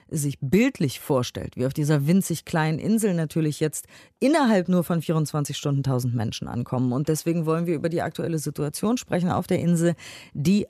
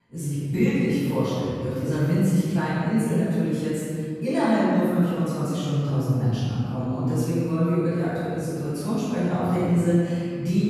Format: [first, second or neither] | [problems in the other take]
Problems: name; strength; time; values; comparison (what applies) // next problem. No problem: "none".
first | off-mic speech; far // room echo; strong; dies away in 2.1 s